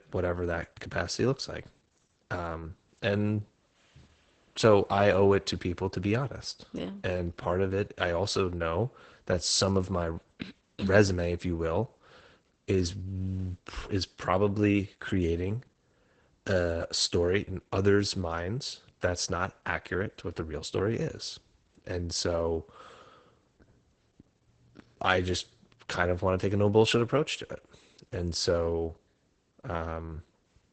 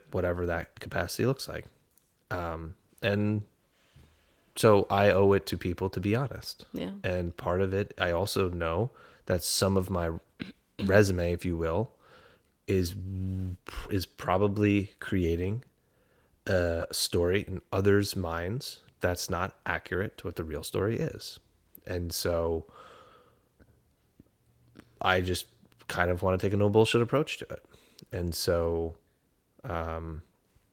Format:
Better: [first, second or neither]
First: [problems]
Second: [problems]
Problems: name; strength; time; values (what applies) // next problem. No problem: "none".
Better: second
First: garbled, watery; badly; nothing above 8 kHz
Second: garbled, watery; slightly; nothing above 17.5 kHz